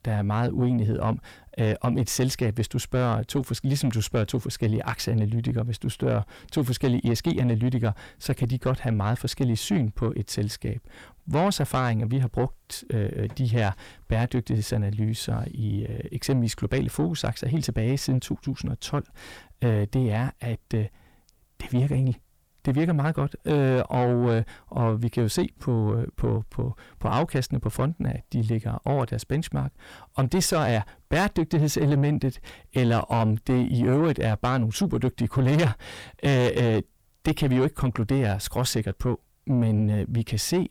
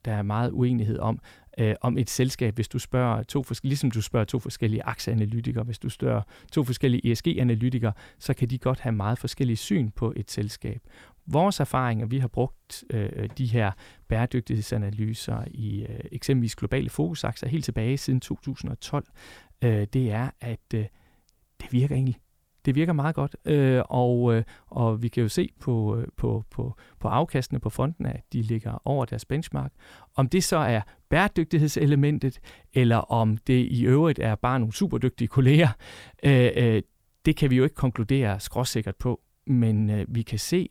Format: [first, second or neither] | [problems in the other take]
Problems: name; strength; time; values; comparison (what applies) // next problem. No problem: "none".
second | distortion; slight; 10 dB below the speech